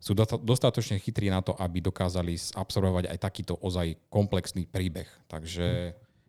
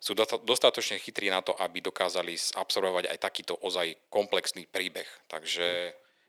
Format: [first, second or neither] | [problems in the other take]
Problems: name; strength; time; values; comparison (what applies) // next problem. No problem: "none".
first | thin; very; fading below 400 Hz